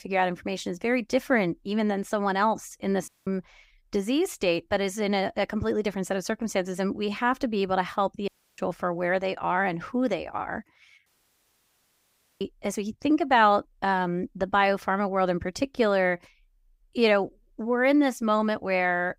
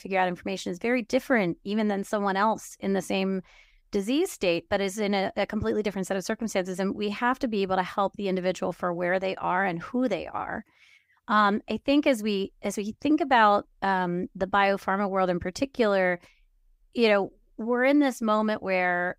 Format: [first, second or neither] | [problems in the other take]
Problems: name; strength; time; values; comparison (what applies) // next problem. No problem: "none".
second | audio cutting out; at 3 s, at 8.5 s and at 11 s for 1.5 s